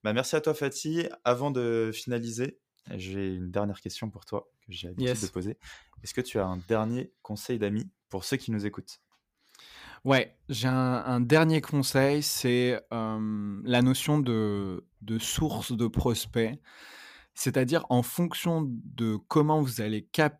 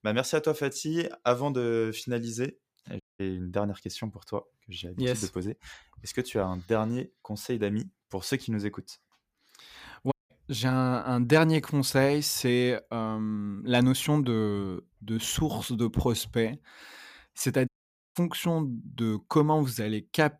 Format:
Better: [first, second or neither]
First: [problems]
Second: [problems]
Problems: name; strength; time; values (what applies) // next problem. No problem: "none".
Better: first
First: none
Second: audio cutting out; at 3 s, at 10 s and at 18 s